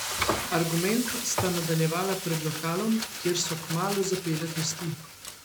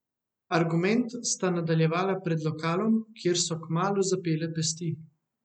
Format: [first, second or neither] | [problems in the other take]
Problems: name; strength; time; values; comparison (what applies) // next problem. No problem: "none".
second | background sound (Frying (food)); 5 dB below the speech